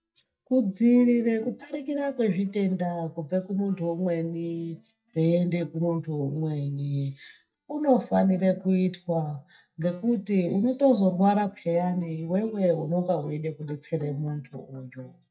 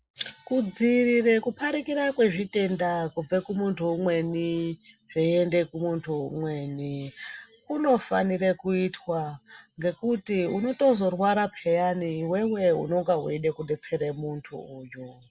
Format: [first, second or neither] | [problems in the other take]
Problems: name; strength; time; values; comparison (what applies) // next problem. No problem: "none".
second | noise reduction (neural mask model DeepFilterNet 3)